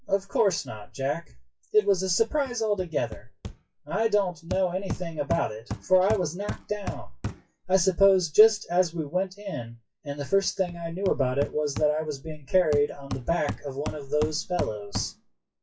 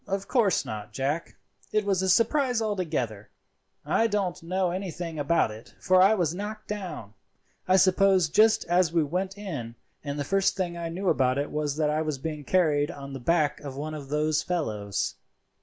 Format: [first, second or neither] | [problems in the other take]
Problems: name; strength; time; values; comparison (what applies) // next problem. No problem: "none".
second | noise reduction (classical method WPE with log-MMSE)